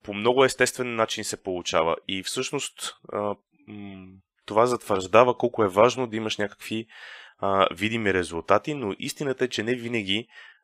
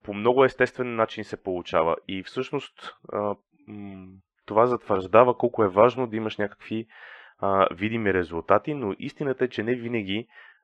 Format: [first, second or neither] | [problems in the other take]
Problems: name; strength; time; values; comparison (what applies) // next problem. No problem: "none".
first | muffled; very; fading above 2 kHz